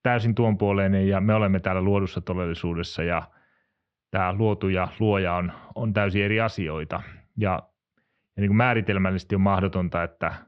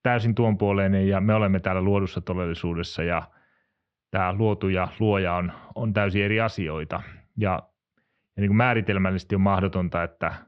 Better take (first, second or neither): neither